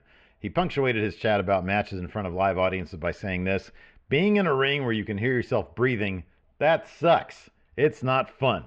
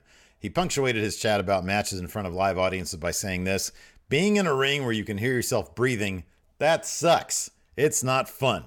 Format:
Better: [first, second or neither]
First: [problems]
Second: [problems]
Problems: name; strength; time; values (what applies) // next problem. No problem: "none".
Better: second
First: muffled; very; fading above 3 kHz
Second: none